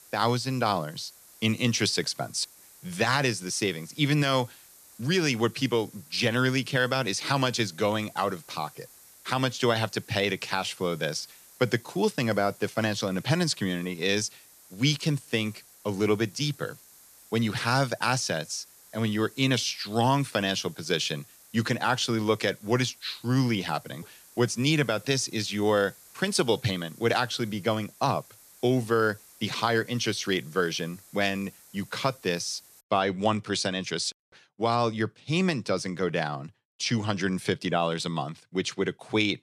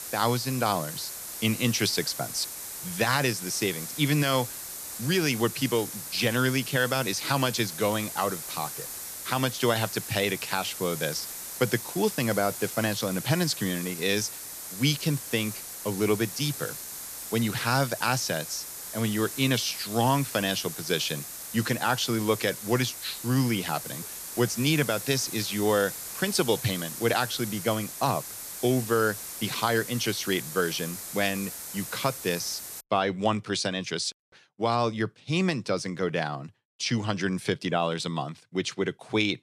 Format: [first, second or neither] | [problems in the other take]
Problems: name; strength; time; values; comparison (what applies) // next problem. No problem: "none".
first | hiss; loud; until 33 s; 8 dB below the speech; faint in the first